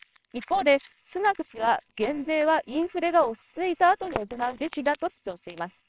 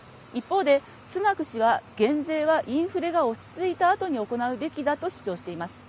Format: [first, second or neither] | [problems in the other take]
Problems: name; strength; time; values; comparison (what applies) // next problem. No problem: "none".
second | noise reduction (neural separator model SepFormer WHAMR!)